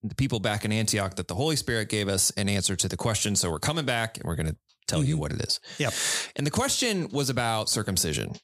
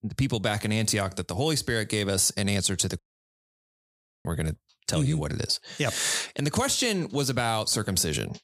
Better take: first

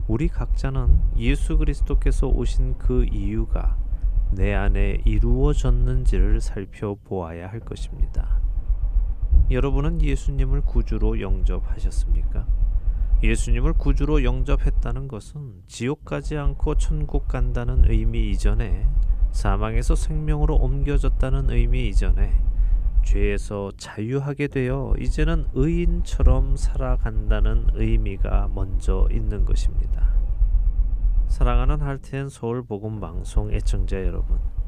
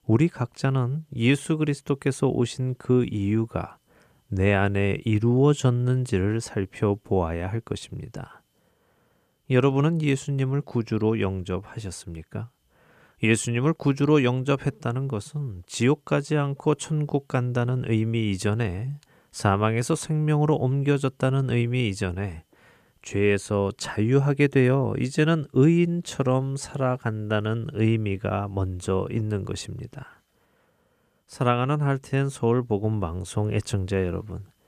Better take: second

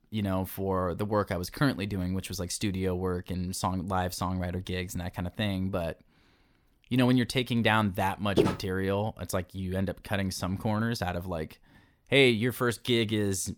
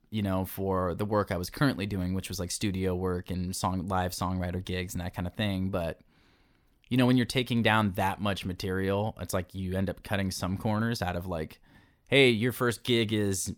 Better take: second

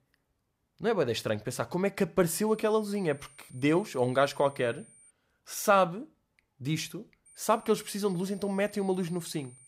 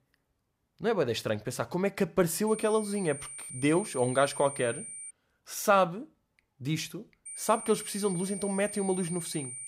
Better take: first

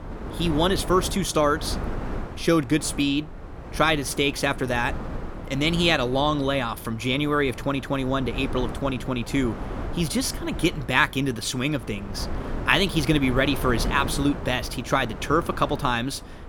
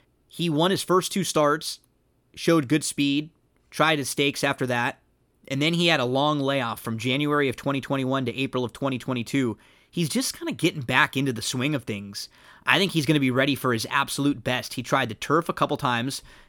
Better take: second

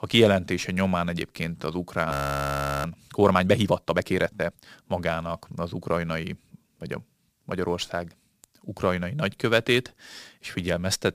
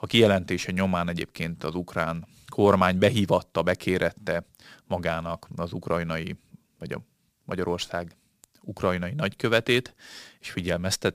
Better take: second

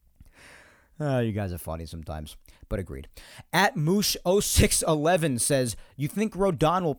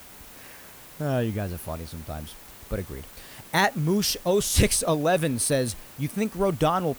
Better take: first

